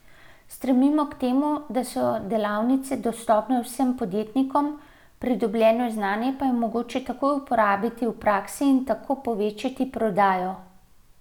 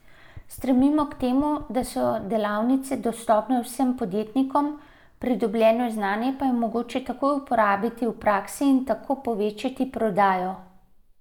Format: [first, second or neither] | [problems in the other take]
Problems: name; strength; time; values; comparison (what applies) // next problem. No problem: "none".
first | noise reduction (neural mask model Resemble Enhance denoiser)